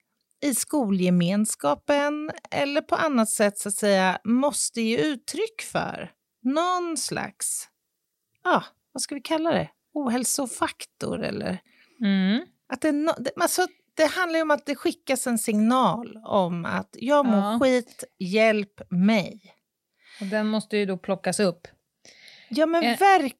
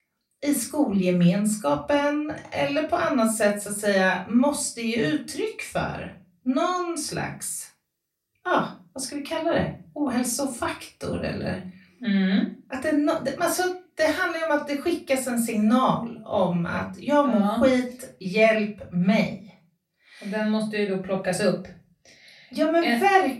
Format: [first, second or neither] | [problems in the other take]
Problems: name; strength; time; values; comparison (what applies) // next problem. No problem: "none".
first | off-mic speech; far // room echo; slight; dies away in 0.3 s